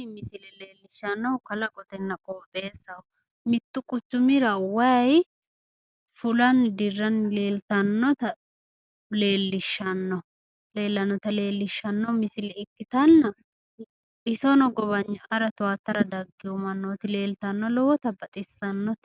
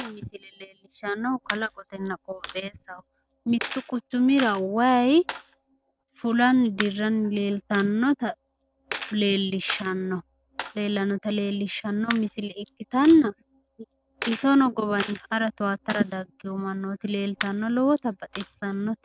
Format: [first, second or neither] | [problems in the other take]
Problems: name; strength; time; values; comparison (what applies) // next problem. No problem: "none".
first | background sound (Coin (dropping)); 15 dB below the speech